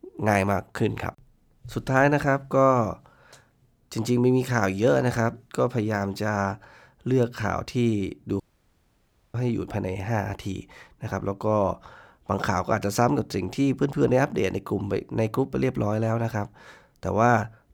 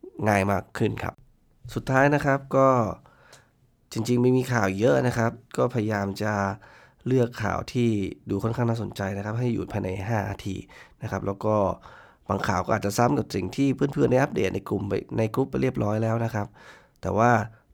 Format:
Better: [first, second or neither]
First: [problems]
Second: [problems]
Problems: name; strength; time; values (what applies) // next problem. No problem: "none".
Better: second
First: audio cutting out; at 8.5 s for 1 s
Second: none